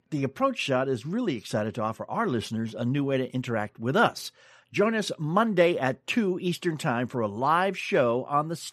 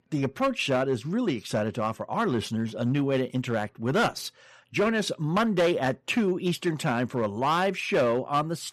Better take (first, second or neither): first